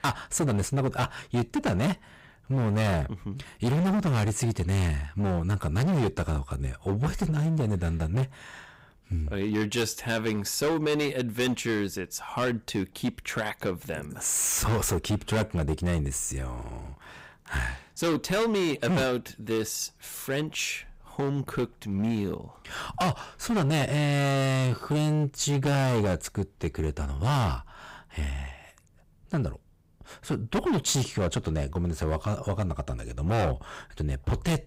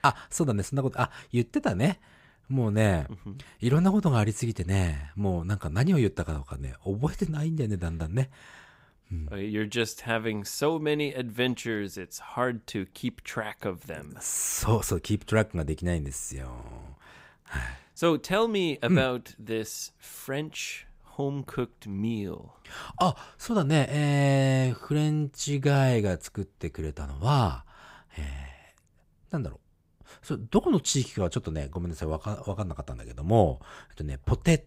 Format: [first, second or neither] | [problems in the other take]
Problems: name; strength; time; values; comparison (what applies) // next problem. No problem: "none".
second | distortion; heavy; 16% of the sound clipped